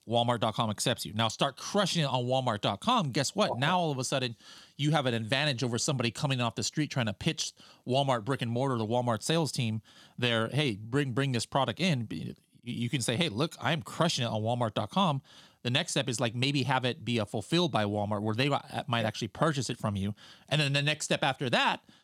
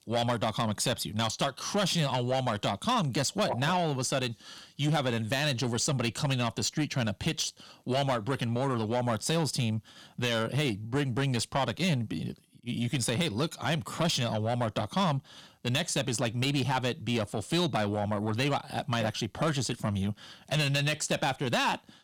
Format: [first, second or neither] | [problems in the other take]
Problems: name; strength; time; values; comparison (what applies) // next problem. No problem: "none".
first | distortion; slight; 10 dB below the speech